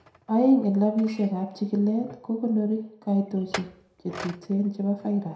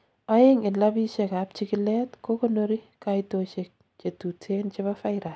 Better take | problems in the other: second | background sound (Chink, clink); 18 dB below the speech // room echo; dies away in 0.6 s

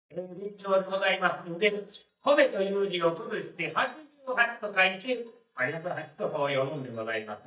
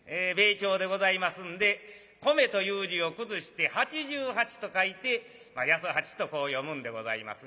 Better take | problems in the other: second | noise reduction (neural mask model DeepFilterNet 3)

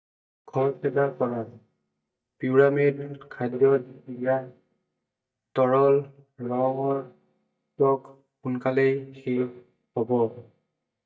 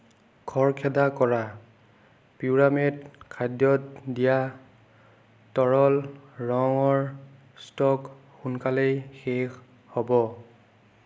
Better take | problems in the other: second | noise reduction (neural mask model DeepFilterNet 3)

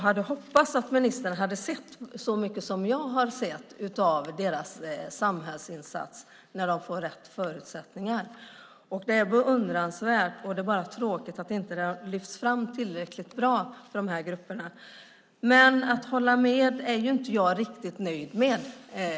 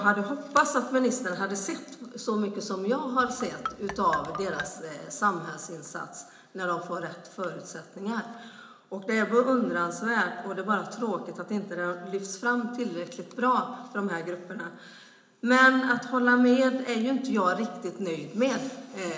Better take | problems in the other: first | background sound (Marimba, xylophone); 10 dB below the speech // room echo; dies away in 0.8 s

